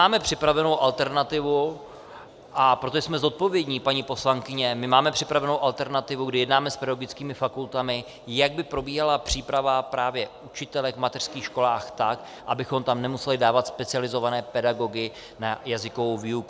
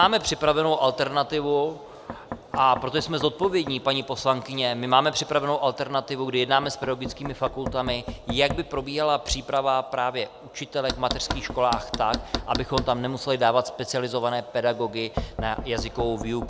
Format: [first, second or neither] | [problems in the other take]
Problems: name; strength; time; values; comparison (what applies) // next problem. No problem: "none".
first | background sound (Knock); 12 dB below the speech